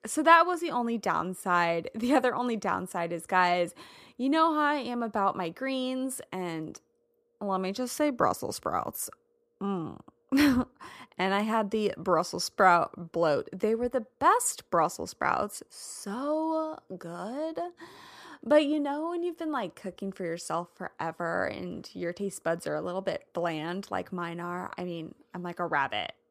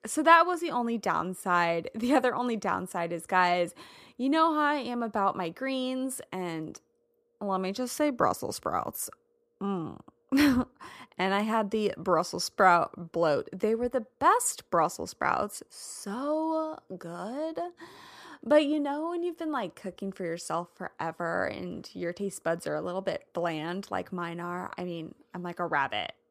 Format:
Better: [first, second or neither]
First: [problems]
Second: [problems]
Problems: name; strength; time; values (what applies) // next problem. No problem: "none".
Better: neither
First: none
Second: none